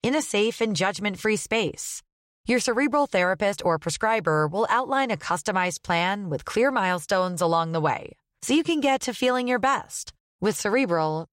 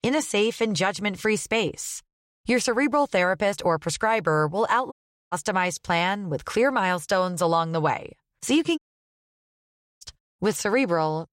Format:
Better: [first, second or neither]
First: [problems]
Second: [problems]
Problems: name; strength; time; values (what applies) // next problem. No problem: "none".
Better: first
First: none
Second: audio cutting out; at 5 s and at 9 s for 1 s